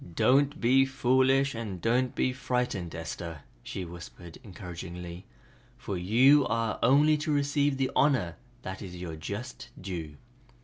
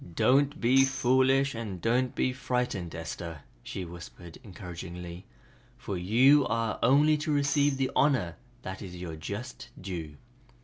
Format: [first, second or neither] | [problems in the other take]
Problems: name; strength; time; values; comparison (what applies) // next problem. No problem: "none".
first | background sound (Tambourine); 13 dB below the speech